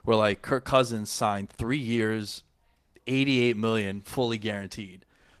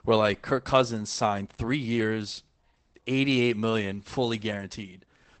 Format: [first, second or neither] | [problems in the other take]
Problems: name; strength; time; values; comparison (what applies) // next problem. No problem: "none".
first | garbled, watery; badly; nothing above 8 kHz; slightly in the first